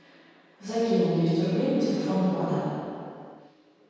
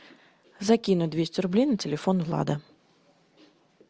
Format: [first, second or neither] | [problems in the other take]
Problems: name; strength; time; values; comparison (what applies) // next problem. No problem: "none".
second | room echo; dies away in 2.2 s